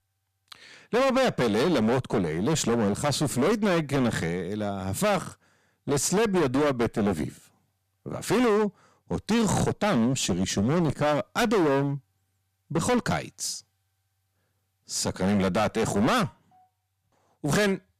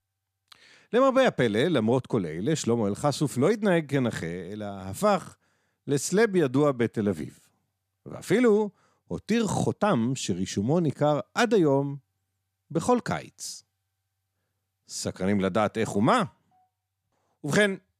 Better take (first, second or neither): second